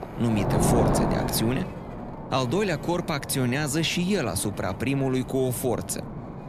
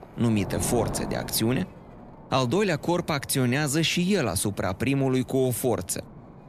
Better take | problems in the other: second | wind noise on the microphone; heavy; 4 dB below the speech; occasional gusts in the second

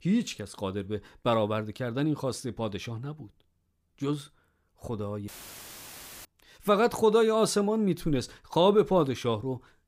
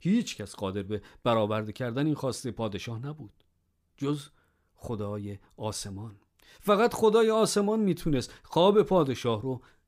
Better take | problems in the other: second | audio cutting out; filled with static; at 5.5 s for 1 s

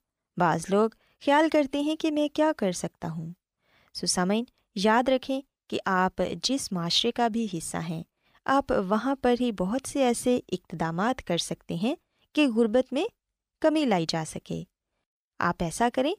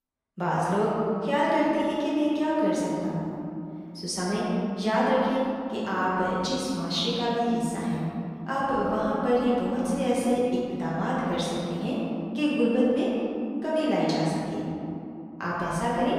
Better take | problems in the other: first | room echo; strong; dies away in 2.9 s // off-mic speech; far

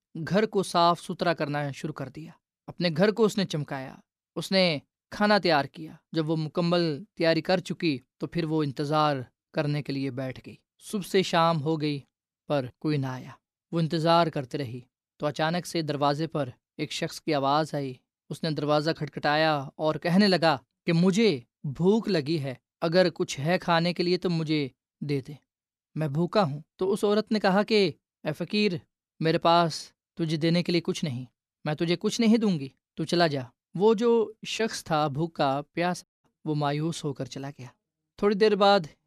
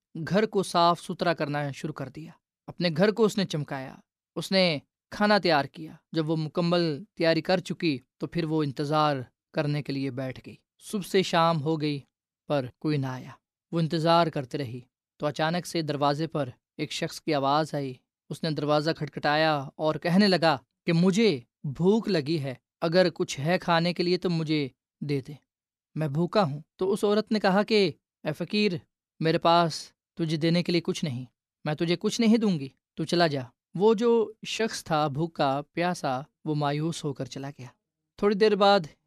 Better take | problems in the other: second | audio cutting out; at 36 s

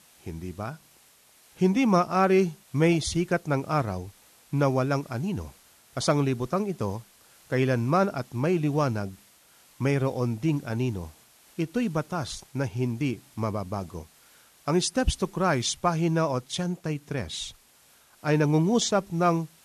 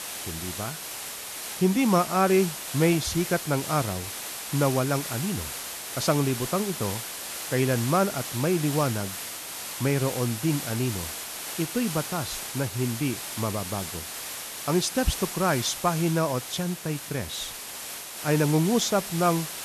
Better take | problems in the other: first | hiss; loud; throughout; 6 dB below the speech; faint in the first

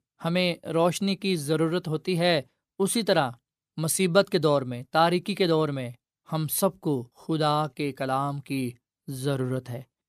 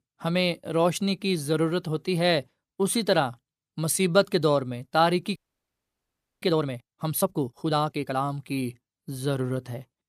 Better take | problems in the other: first | audio freezing; at 5.5 s for 1 s

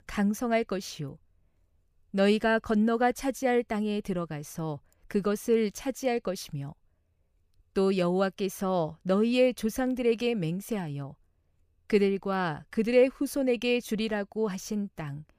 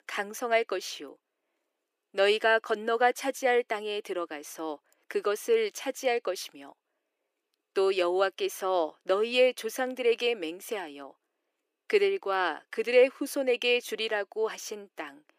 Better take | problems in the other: first | thin; very; fading below 300 Hz

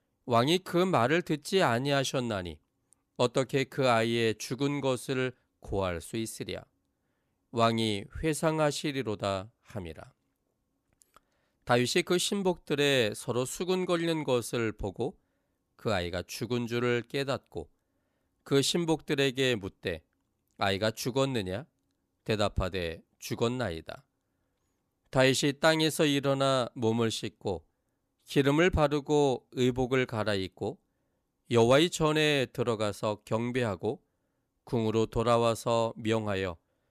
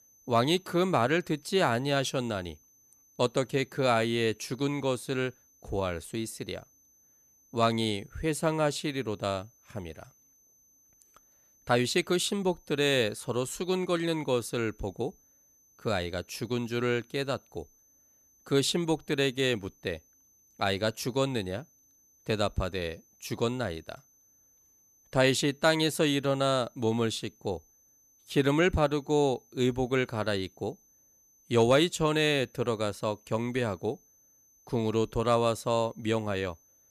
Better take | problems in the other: first | high-pitched whine; faint; throughout; 6 kHz, 30 dB below the speech

